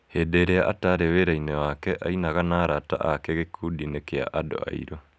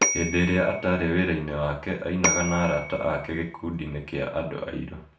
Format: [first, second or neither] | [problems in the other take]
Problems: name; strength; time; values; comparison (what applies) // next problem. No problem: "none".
first | background sound (Bell / Telephone); 5 dB below the speech // room echo; dies away in 0.4 s